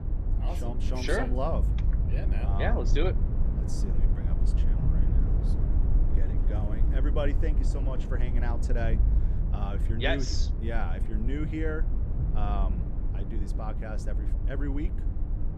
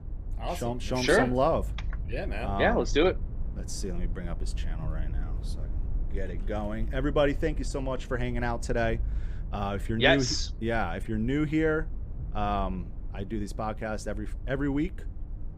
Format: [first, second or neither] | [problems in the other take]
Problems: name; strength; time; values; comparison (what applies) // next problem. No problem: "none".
second | low rumble; loud; throughout; 8 dB below the speech; faint in the second